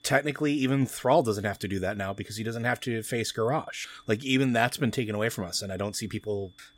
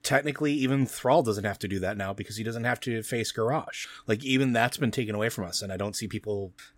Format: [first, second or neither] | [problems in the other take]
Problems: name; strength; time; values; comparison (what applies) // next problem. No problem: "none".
second | high-pitched whine; faint; throughout; 3.5 kHz, 30 dB below the speech